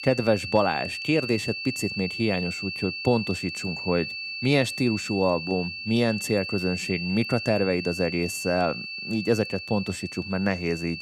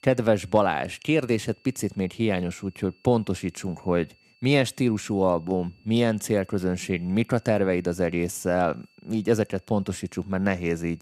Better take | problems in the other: second | high-pitched whine; loud; throughout; 2.5 kHz, 6 dB below the speech; faint in the second

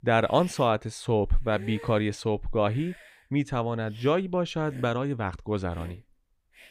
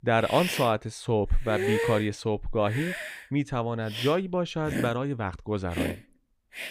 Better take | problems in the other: first | hiss; loud; throughout; 5 dB below the speech; faint in the first

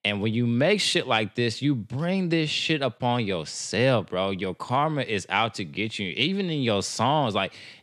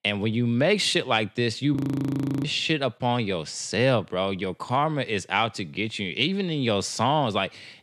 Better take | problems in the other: first | audio freezing; at 2 s for 0.5 s

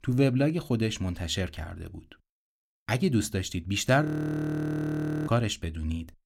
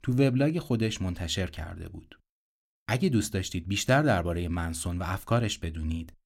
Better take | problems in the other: second | audio freezing; at 4 s for 1 s

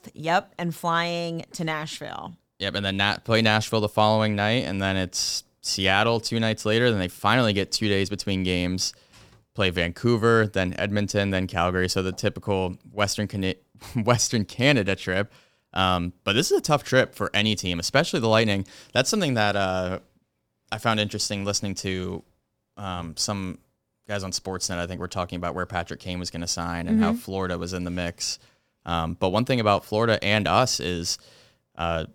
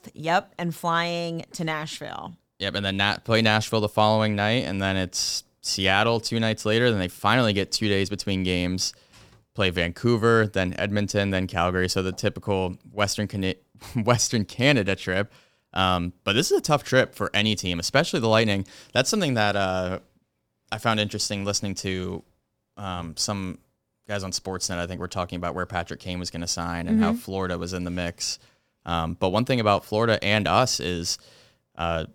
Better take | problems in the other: neither | none

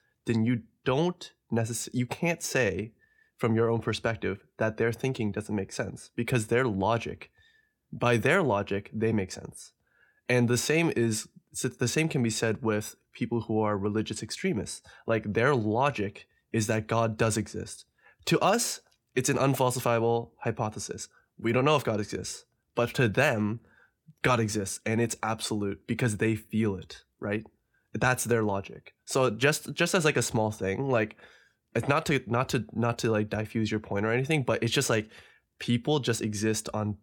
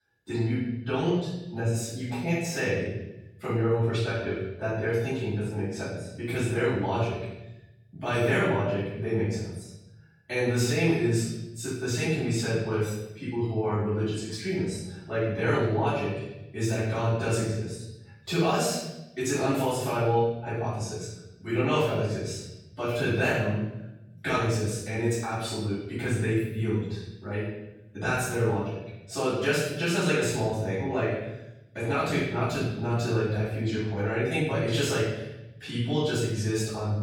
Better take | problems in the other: first | off-mic speech; far // room echo; strong; dies away in 1 s

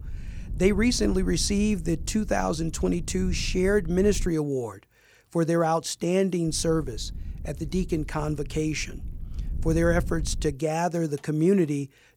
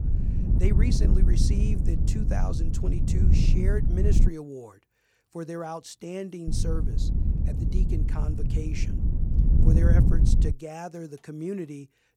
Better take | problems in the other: first | wind noise on the microphone; heavy; until 4.5 s and from 6.5 to 11 s; 1 dB below the speech; occasional gusts in the first

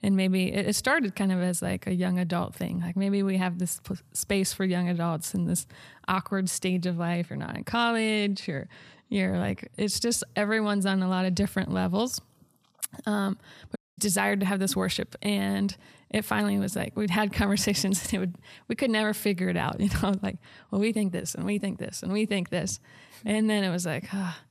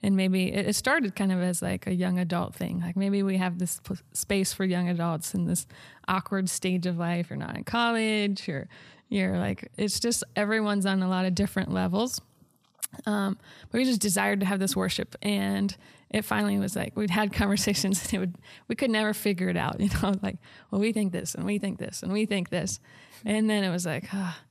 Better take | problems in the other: second | audio cutting out; at 14 s

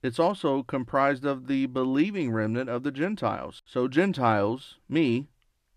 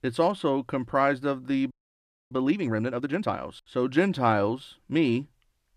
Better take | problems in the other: first | audio freezing; at 1.5 s for 0.5 s

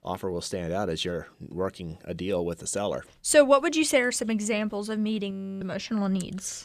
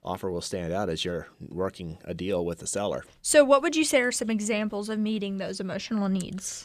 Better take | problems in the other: second | audio freezing; at 5.5 s

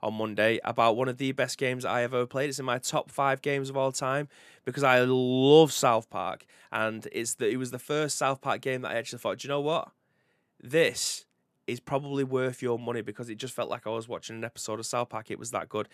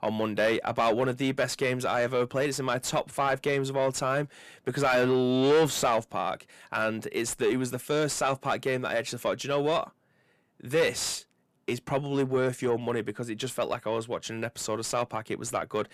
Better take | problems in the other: first | distortion; heavy; 8 dB below the speech

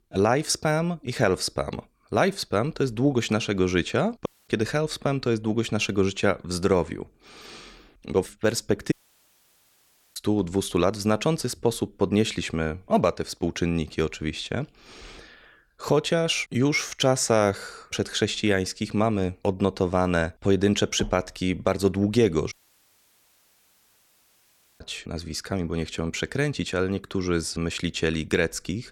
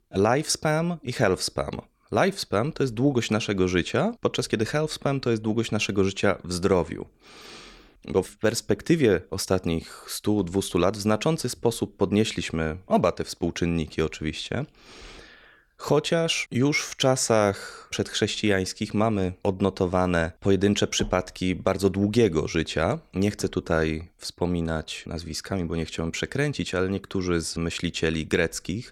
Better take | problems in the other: second | audio cutting out; at 4.5 s, at 9 s for 1 s and at 23 s for 2.5 s

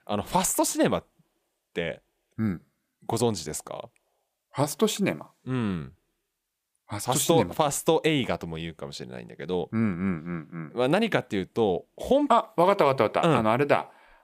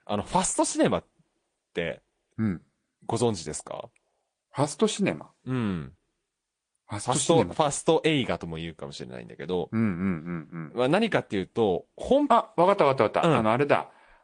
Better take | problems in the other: first | garbled, watery; slightly; nothing above 9.5 kHz

